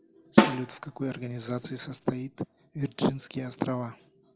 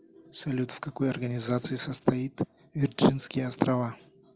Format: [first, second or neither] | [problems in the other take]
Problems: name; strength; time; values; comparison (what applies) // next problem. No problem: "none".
second | background sound (Snare drum); 5 dB above the speech